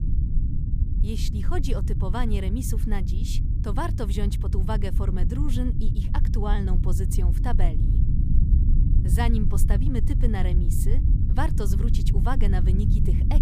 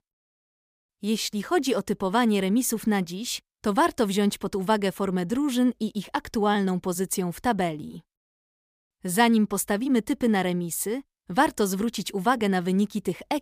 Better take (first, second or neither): second